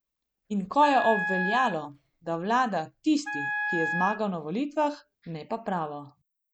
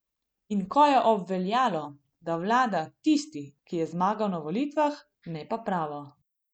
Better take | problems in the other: second | background sound (Wind instrument, woodwind instrument); 5 dB below the speech

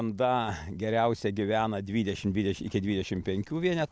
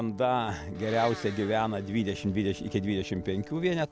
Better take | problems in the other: first | background sound (Brass instrument + Domestic sounds, home sounds); 15 dB below the speech

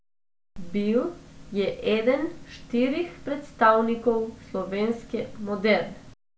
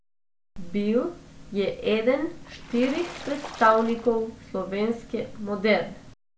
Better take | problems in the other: first | background sound (Water / Splash, splatter); 16 dB below the speech

